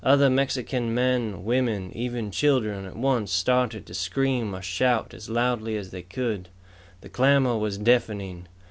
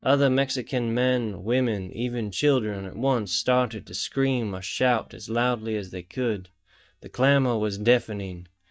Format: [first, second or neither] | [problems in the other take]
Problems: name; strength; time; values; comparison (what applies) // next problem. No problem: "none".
first | noise reduction (neural mask model DeepFilterNet 3)